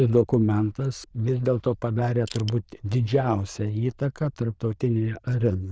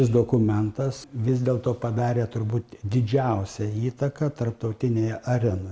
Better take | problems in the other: second | noise reduction (neural diffusion model UNIVERSE++)

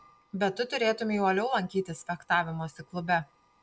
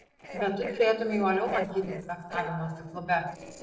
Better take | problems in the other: first | noise reduction (neural separator model SepFormer DNS4)

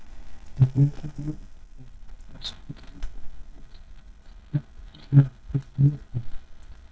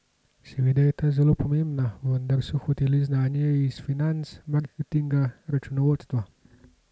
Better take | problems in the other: second | noise reduction (neural mask model DeepFilterNet 3)

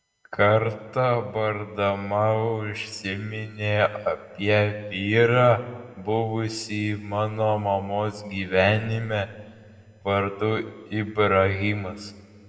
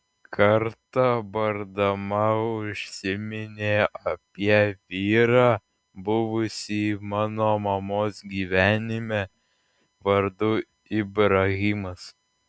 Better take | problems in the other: second | room echo; dies away in 1.4 s

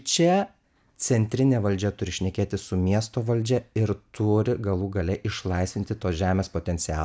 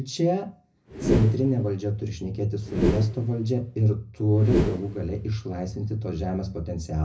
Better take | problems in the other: first | background sound (Whoosh, swoosh, swish); 4 dB below the speech // room echo; dies away in 0.4 s

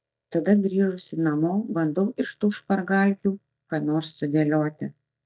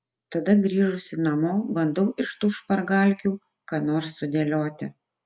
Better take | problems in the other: second | noise reduction (neural mask model DeepFilterNet 3)

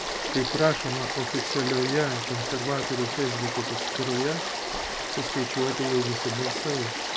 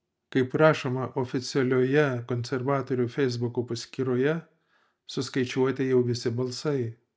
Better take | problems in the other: second | background sound (Stream / Frog); 1 dB below the speech

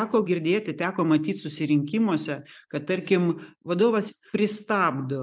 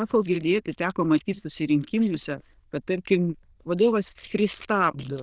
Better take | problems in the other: first | noise reduction (neural diffusion model UNIVERSE++)

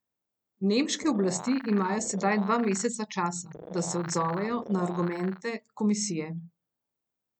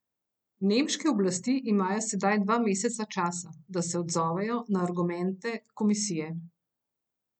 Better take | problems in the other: second | background sound (Animal); 13 dB below the speech

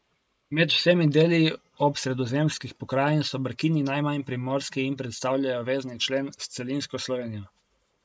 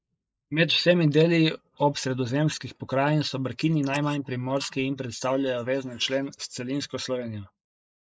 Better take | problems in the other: first | noise reduction (neural mask model Resemble Enhance denoiser)

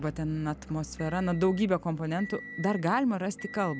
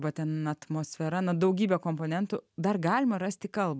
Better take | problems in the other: second | background sound (Motor vehicle (road) / Engine); 15 dB below the speech

